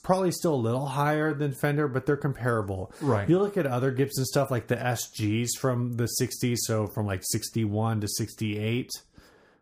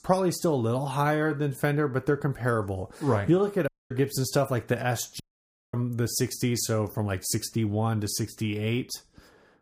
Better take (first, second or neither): first